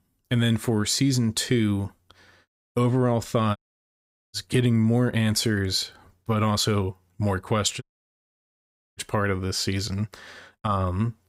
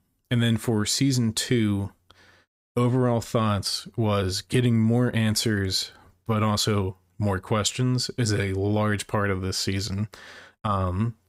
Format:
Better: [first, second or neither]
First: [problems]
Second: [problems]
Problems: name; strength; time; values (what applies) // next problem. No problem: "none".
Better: second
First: audio cutting out; at 3.5 s for 1 s and at 8 s for 1 s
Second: none